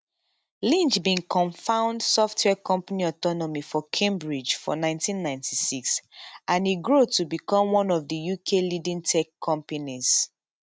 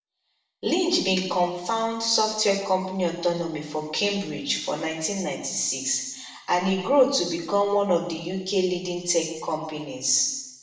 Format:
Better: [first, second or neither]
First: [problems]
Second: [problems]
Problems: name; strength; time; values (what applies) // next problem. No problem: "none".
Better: first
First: none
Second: room echo; dies away in 0.9 s